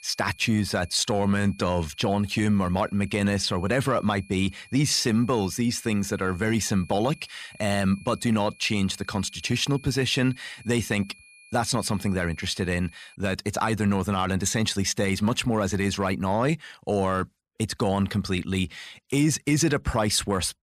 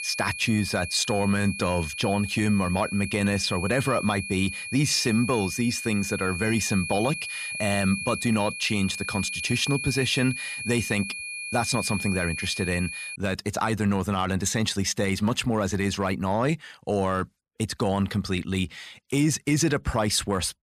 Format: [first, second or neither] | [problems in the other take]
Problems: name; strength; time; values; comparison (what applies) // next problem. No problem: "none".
first | high-pitched whine; loud; until 13 s; 2.5 kHz, 6 dB below the speech; faint in the first